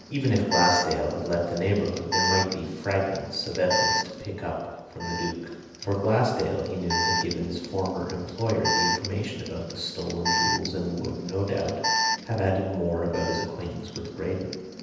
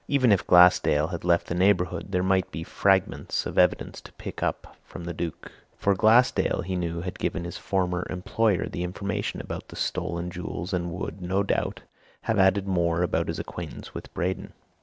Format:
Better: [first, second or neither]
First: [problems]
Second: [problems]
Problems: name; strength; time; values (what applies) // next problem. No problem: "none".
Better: second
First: background sound (Alarm); 3 dB below the speech // room echo; dies away in 1.1 s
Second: none